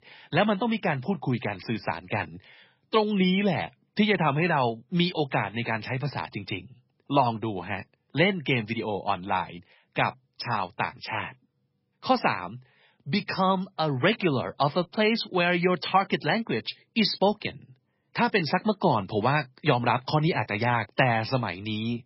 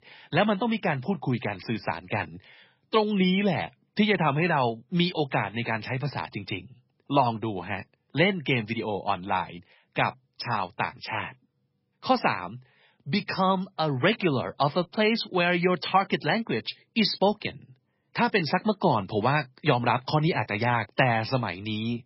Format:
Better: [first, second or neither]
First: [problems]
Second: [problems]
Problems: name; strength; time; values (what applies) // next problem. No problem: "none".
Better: neither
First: garbled, watery; badly; nothing above 5.5 kHz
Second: garbled, watery; badly; nothing above 5.5 kHz